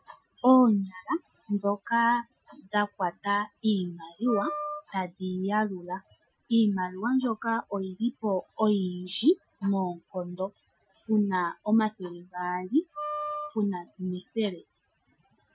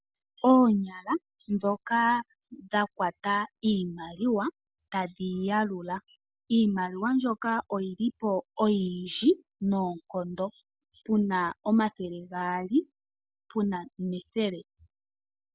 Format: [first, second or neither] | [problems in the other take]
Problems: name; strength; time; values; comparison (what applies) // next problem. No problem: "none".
second | noise reduction (classical method Wiener filter)